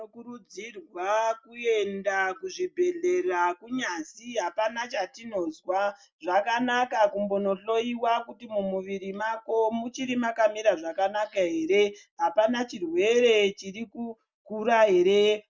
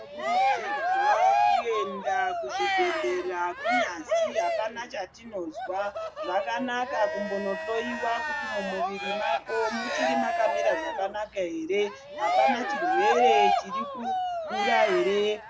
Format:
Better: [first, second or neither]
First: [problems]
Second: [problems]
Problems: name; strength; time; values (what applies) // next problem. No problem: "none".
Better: first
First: none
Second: background sound (Cheering); 2 dB above the speech